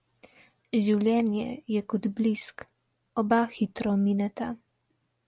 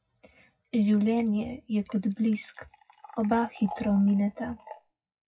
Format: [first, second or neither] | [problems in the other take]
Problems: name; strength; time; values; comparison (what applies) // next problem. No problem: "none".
first | noise reduction (classical method WPE with log-MMSE)